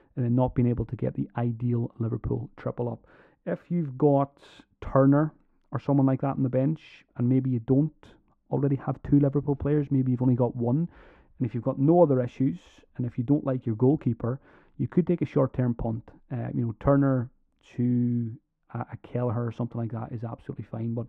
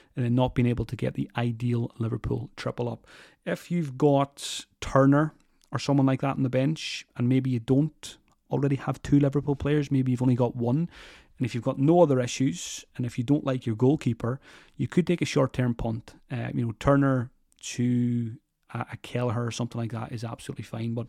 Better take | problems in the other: second | muffled; very; fading above 3 kHz

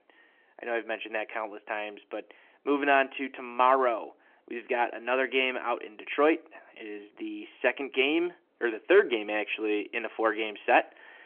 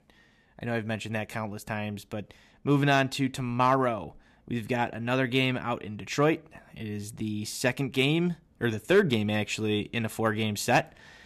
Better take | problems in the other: second | phone-call audio; nothing above 3 kHz

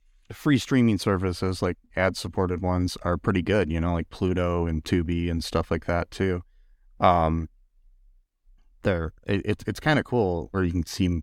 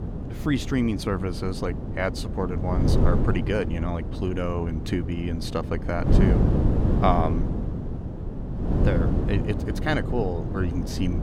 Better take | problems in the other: first | wind noise on the microphone; heavy; 5 dB below the speech

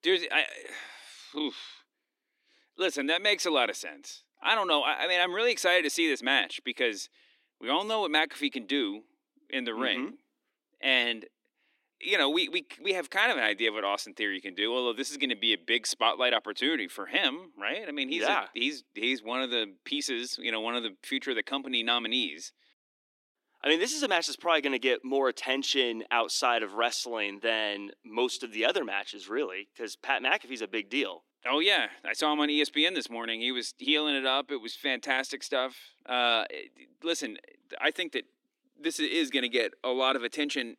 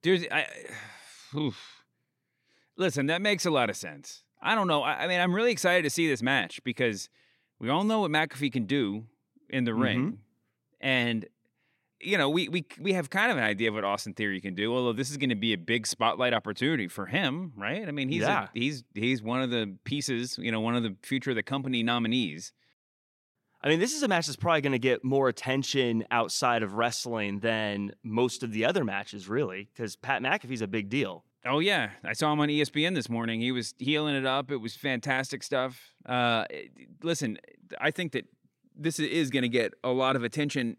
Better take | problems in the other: second | thin; very slightly; fading below 300 Hz

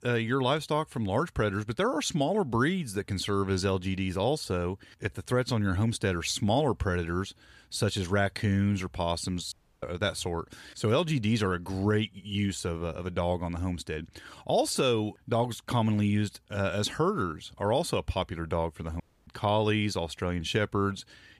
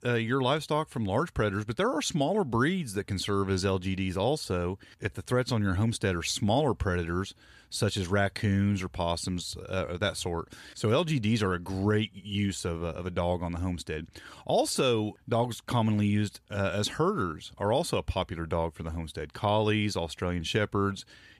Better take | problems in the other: second | audio cutting out; at 9.5 s and at 19 s

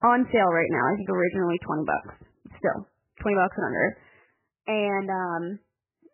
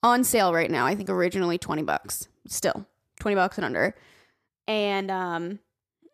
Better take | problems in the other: second | garbled, watery; badly; nothing above 2.5 kHz

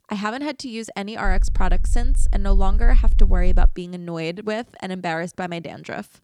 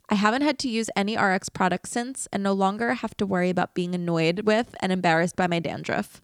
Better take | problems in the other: second | low rumble; noticeable; from 1.5 to 3.5 s; 20 dB below the speech

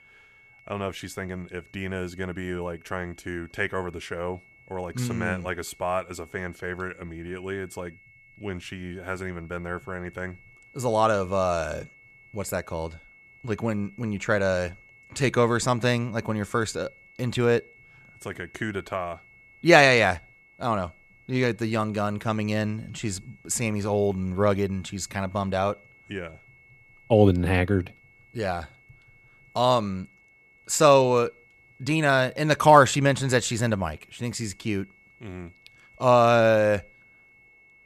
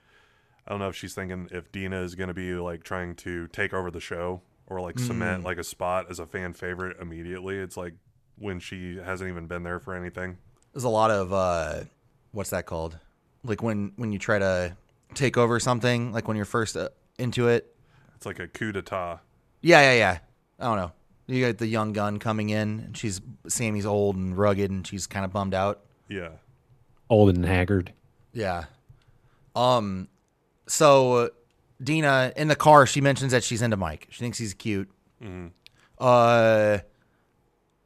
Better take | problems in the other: second | high-pitched whine; faint; throughout; 2 kHz, 30 dB below the speech

